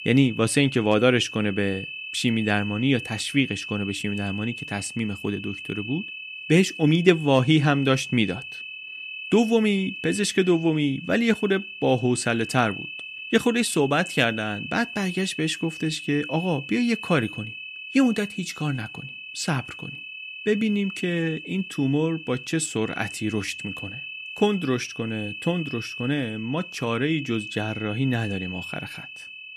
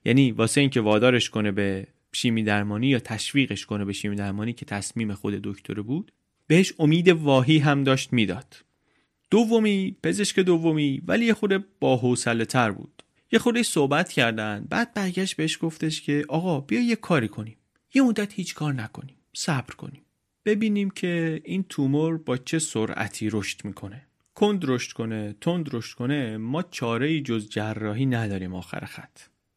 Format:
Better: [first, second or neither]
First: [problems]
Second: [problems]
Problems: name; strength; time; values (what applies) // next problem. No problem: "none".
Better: second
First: high-pitched whine; noticeable; throughout; 2.5 kHz, 10 dB below the speech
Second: none